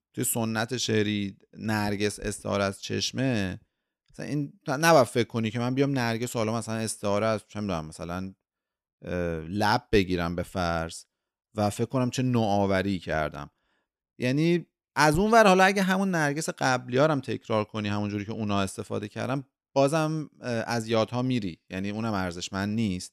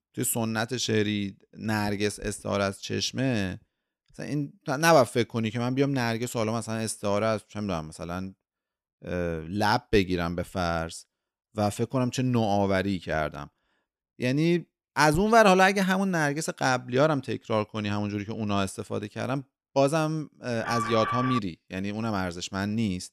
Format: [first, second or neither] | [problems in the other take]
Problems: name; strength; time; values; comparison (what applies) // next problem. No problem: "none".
first | alarm; noticeable; at 21 s; peak 2 dB below the speech